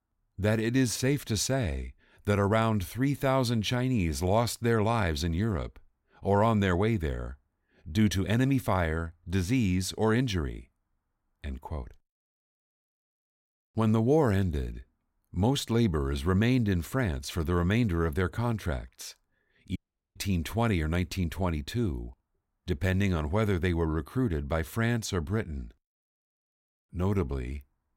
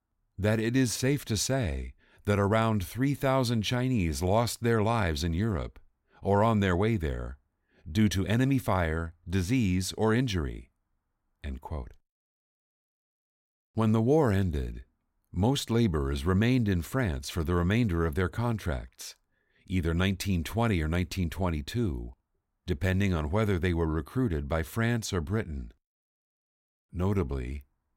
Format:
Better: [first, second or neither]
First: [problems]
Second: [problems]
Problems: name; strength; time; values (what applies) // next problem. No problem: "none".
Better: second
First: audio cutting out; at 20 s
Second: none